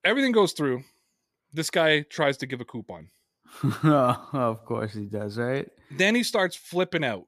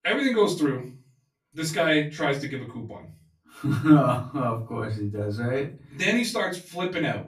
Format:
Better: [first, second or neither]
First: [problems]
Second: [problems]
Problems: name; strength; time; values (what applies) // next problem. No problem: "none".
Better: first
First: none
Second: off-mic speech; far // room echo; slight; dies away in 0.3 s